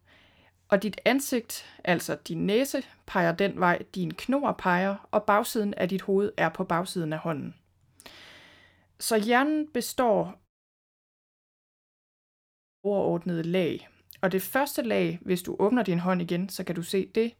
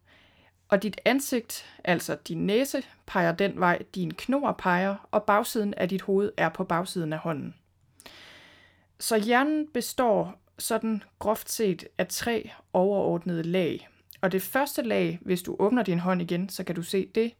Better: second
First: audio cutting out; at 10 s for 2.5 s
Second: none

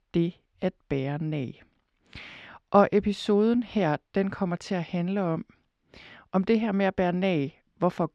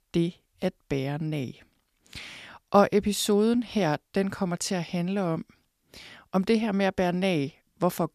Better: second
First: muffled; slightly; fading above 3 kHz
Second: none

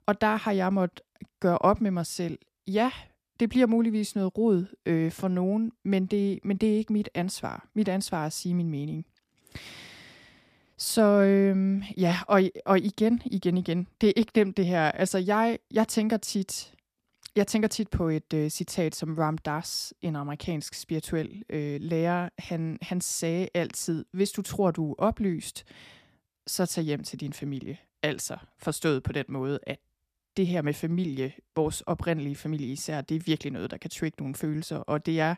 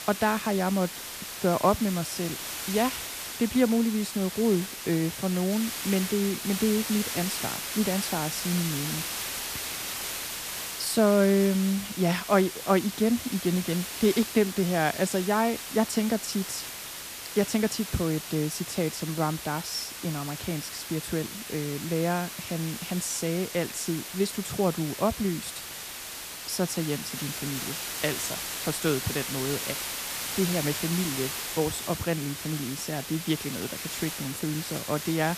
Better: first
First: none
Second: hiss; loud; throughout; 5 dB below the speech

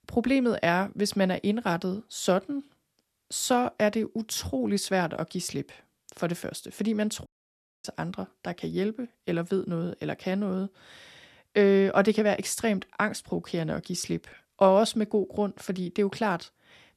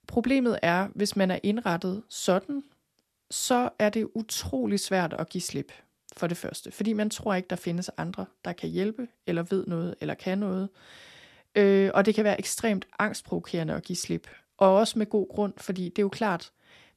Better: second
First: audio cutting out; at 7.5 s for 0.5 s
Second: none

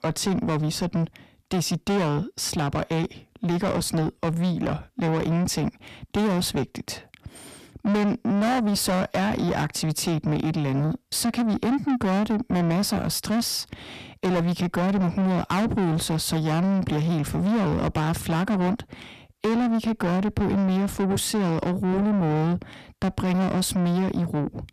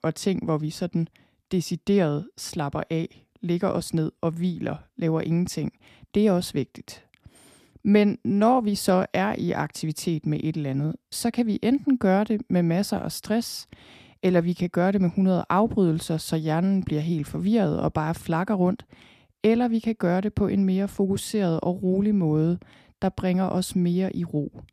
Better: second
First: distortion; heavy; 6 dB below the speech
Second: none

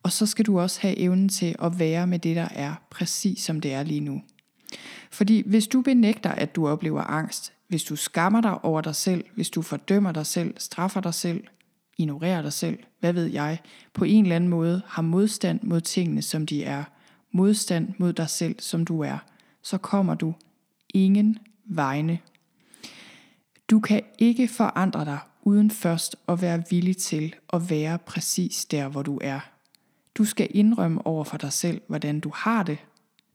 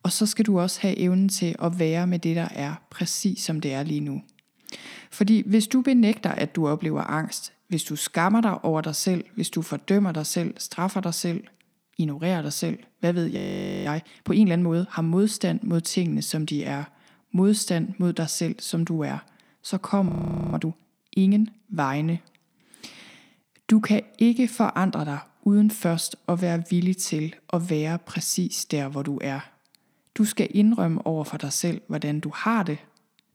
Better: first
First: none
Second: audio freezing; at 13 s and at 20 s

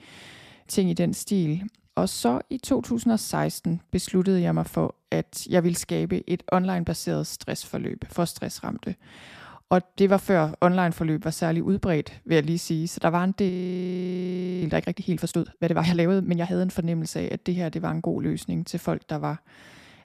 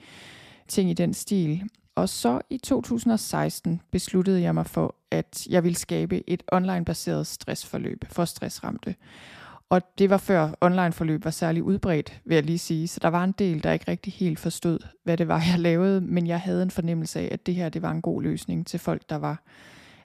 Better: second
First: audio freezing; at 13 s for 1 s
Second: none

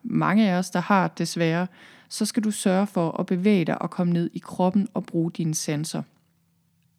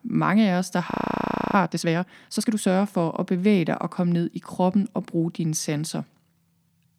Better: first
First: none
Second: audio freezing; at 1 s for 0.5 s

